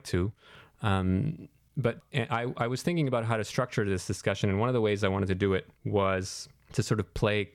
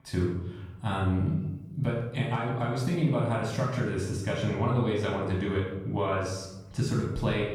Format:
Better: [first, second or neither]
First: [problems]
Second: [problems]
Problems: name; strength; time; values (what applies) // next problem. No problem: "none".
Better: first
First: none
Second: room echo; noticeable; dies away in 0.8 s // off-mic speech; far